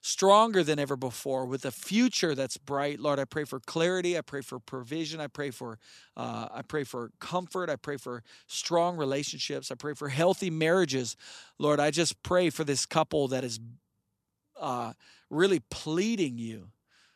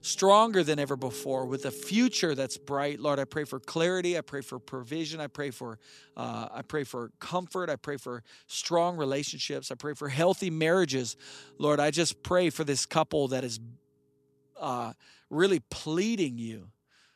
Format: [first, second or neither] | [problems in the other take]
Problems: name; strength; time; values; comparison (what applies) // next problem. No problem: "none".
first | background music; faint; throughout; 20 dB below the speech